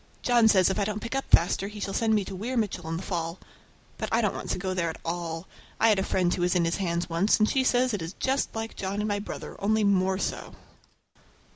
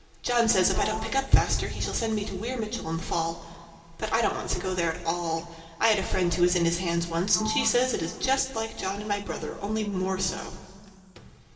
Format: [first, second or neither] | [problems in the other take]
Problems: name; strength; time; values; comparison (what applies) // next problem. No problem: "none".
first | background sound (Sliding door); 19 dB below the speech // room echo; dies away in 2 s